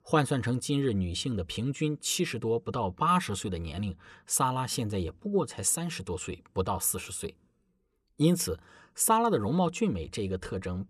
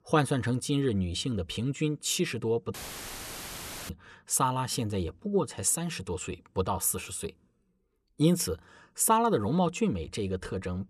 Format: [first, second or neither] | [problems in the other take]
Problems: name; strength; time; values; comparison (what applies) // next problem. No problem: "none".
first | audio cutting out; filled with static; at 2.5 s for 1 s